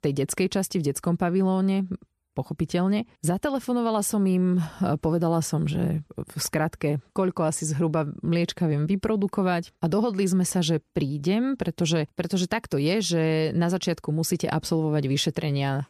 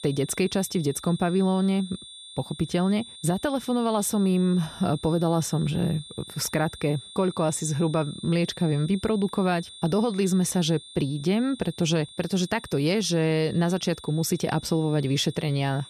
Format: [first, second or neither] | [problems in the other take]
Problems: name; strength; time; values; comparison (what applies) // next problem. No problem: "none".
first | high-pitched whine; noticeable; throughout; 3.5 kHz, 15 dB below the speech